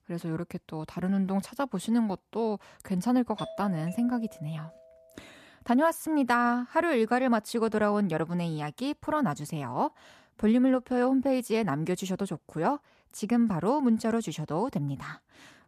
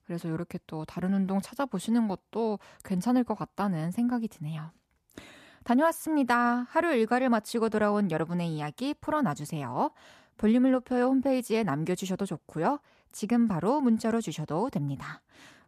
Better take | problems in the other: second | doorbell; faint; from 3.5 to 5 s; peak 15 dB below the speech

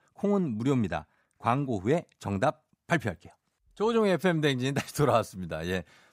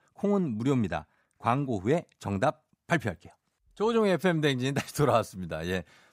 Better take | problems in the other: neither | none

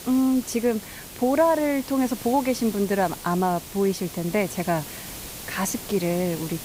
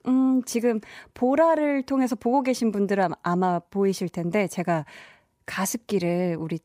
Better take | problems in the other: second | hiss; noticeable; throughout; 10 dB below the speech

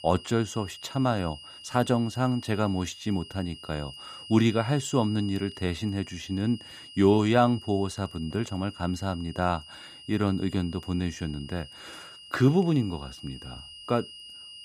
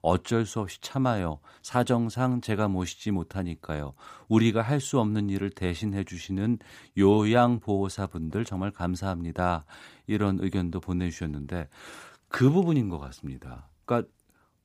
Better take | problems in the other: second | high-pitched whine; noticeable; throughout; 3 kHz, 15 dB below the speech

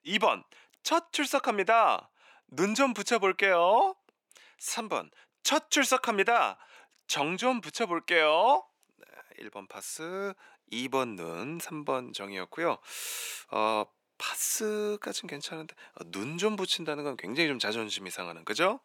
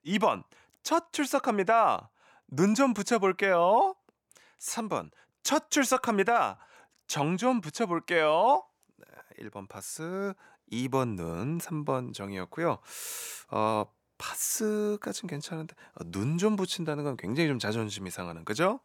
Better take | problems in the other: second | thin; very slightly; fading below 300 Hz

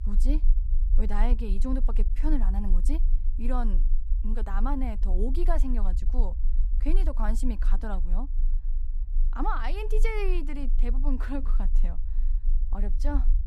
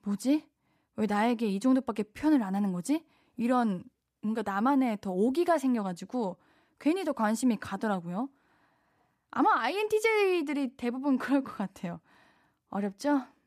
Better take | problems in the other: second | low rumble; noticeable; throughout; 15 dB below the speech

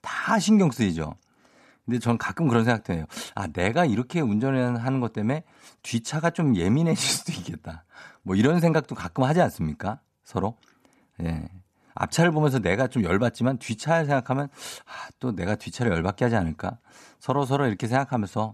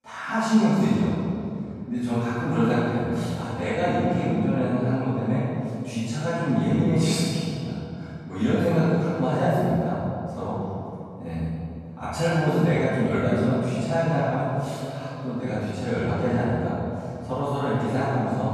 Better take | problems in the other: first | off-mic speech; far // room echo; strong; dies away in 2.8 s

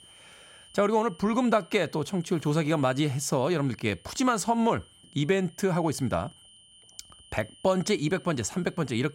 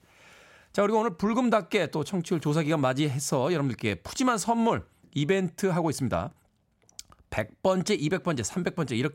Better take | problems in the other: second | high-pitched whine; faint; throughout; 3 kHz, 25 dB below the speech

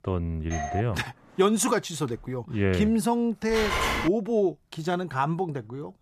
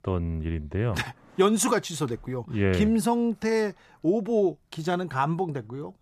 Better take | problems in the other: second | doorbell; noticeable; at 0.5 s; peak 6 dB below the speech // phone ringing; loud; at 3.5 s; peak 1 dB above the speech

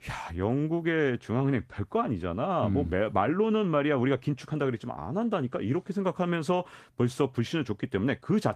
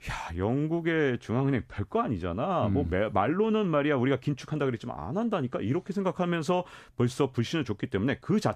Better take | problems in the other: second | garbled, watery; slightly; nothing above 14.5 kHz

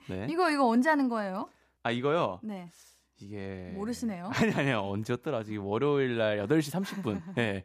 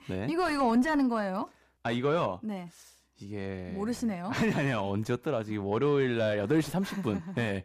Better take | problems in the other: first | distortion; slight; 10 dB below the speech

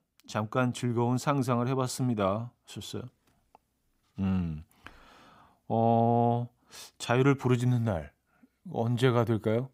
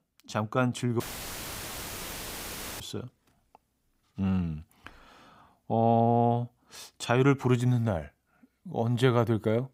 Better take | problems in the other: first | audio cutting out; filled with static; at 1 s for 2 s

